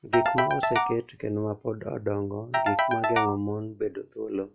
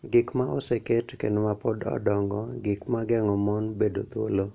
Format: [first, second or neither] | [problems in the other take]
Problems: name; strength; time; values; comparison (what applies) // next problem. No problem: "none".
second | noise reduction (classical method log-MMSE)